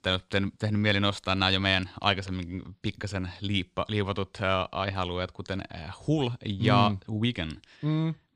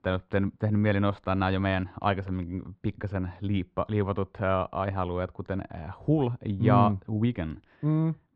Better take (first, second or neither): first